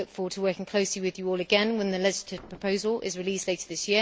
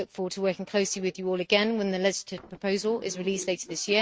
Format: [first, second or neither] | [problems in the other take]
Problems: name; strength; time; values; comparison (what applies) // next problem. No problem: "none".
first | noise reduction (neural mask model RNNoise)